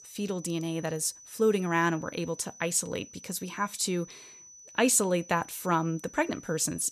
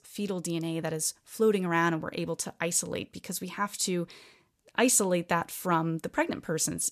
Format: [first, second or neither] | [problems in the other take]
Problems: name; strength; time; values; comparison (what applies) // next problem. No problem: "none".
second | high-pitched whine; noticeable; throughout; 6 kHz, 20 dB below the speech